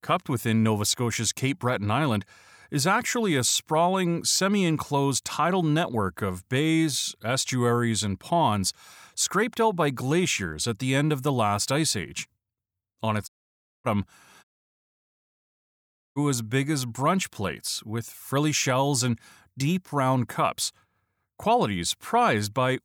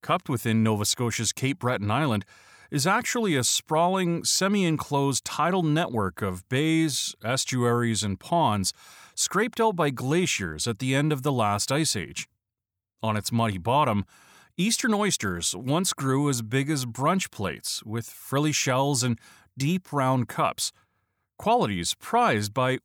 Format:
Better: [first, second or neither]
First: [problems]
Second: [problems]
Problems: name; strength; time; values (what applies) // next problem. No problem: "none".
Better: second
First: audio cutting out; at 13 s for 0.5 s and at 14 s for 1.5 s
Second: none